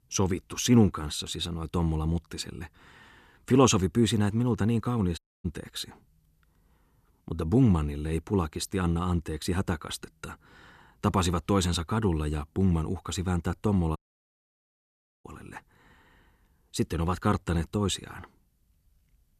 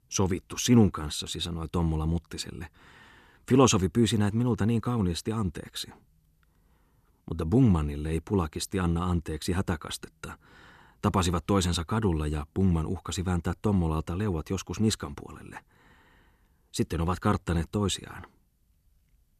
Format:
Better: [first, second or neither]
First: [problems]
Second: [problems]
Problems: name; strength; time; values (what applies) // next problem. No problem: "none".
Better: second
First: audio cutting out; at 5 s and at 14 s for 1.5 s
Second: none